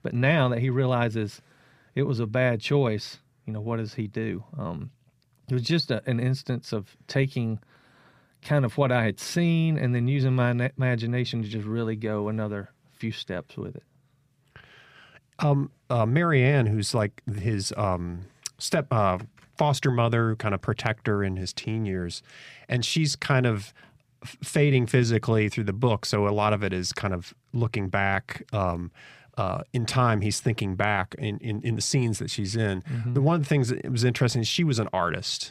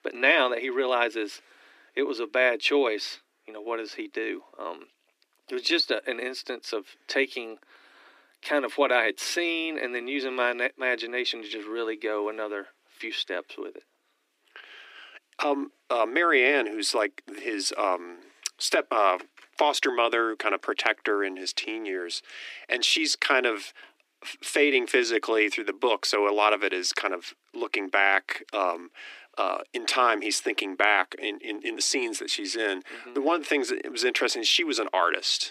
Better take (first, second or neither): first